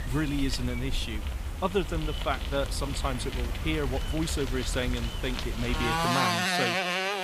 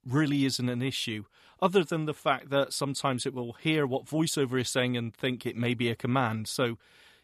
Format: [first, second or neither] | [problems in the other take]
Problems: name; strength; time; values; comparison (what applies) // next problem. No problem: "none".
second | traffic noise; very loud; throughout; 1 dB above the speech